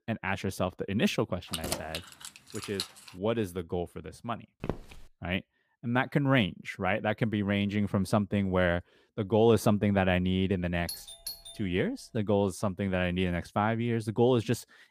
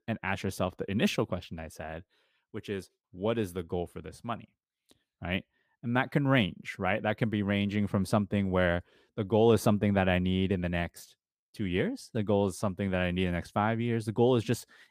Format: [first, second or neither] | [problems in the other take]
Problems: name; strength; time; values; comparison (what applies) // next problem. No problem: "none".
second | jangling keys; noticeable; from 1.5 to 3 s; peak 5 dB below the speech // footsteps; noticeable; at 4.5 s; peak 9 dB below the speech // doorbell; faint; at 11 s; peak 10 dB below the speech